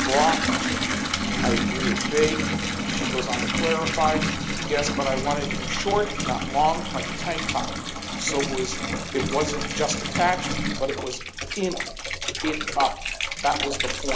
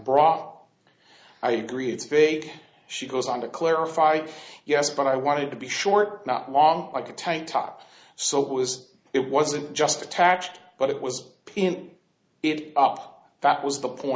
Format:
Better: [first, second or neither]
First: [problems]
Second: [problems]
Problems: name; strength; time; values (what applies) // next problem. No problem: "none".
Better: second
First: background sound (Bathtub (filling or washing) / Water tap, faucet); as loud as the speech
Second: none